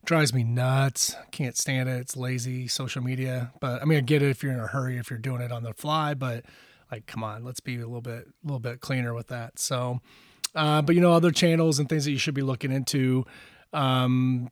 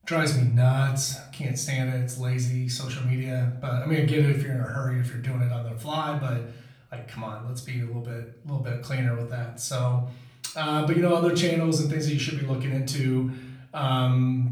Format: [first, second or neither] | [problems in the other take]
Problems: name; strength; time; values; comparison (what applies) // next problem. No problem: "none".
first | room echo; slight; dies away in 0.5 s // off-mic speech; far